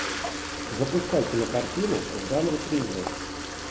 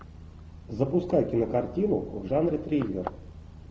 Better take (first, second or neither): second